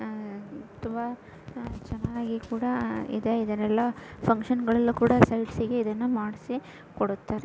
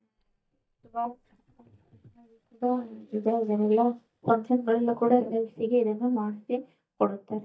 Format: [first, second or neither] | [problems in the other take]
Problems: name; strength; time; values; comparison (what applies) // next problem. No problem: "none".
first | noise reduction (neural mask model DeepFilterNet 3)